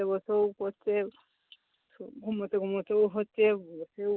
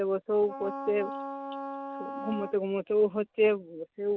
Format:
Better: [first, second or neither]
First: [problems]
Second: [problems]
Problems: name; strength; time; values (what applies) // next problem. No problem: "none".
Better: first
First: none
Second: background sound (Wind instrument, woodwind instrument); 10 dB below the speech